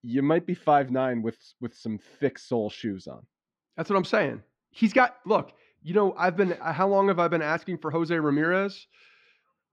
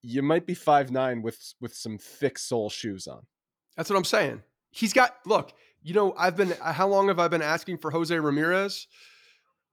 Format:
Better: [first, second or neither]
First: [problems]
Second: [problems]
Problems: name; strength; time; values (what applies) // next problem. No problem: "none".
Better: second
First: muffled; slightly; fading above 3 kHz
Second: none